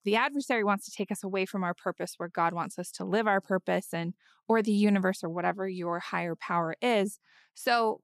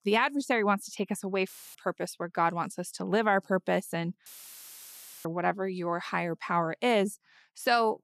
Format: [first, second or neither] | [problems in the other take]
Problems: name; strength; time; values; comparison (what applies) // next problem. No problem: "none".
first | audio cutting out; filled with static; at 1.5 s and at 4.5 s for 1 s